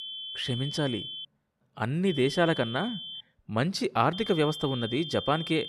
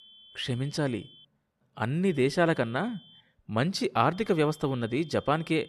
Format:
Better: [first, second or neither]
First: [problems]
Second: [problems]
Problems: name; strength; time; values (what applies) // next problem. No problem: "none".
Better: second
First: high-pitched whine; loud; until 1.5 s, from 2 to 3 s and from 4 s on; 3 kHz, 8 dB below the speech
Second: high-pitched whine; faint; until 1.5 s, from 2 to 3 s and from 4 s on; 3 kHz, 25 dB below the speech